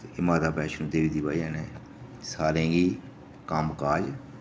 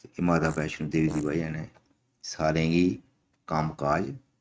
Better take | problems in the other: first | noise reduction (neural mask model RNNoise)

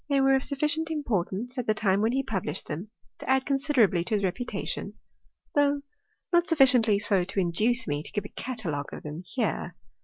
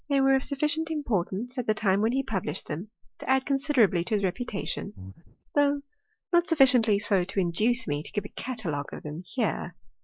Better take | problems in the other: first | noise reduction (neural mask model Resemble Enhance denoiser)

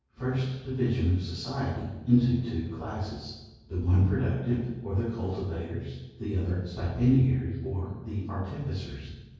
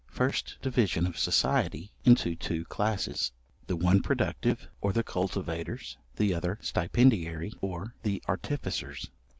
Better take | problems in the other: second | room echo; dies away in 1.3 s

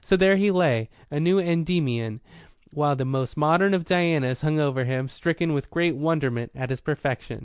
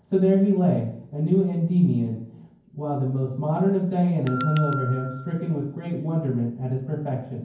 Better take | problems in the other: first | background sound (Bell); 12 dB below the speech // room echo; dies away in 0.9 s

